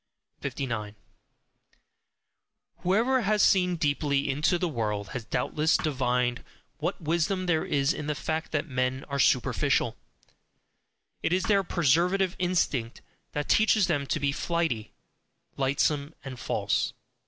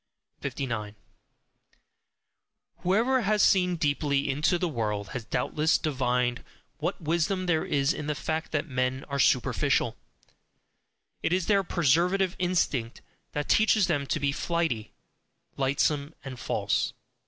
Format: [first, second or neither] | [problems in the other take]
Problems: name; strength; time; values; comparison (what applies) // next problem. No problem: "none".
second | background sound (Thump, thud); 12 dB below the speech